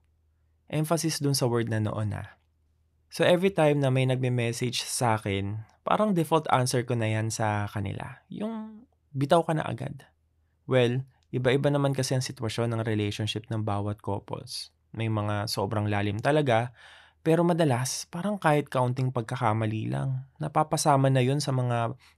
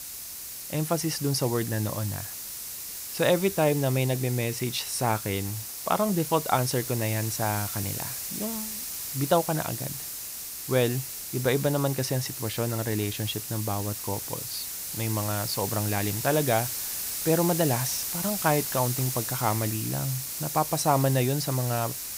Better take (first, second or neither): first